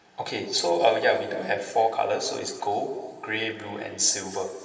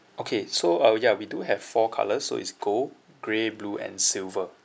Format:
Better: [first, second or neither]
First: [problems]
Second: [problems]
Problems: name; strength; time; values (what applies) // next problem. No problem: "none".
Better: second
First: room echo; dies away in 2.7 s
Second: none